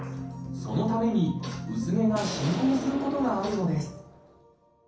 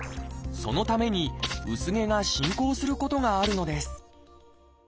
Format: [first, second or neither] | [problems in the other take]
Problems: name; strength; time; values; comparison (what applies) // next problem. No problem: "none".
second | background sound (Explosion); 10 dB below the speech // room echo; dies away in 0.6 s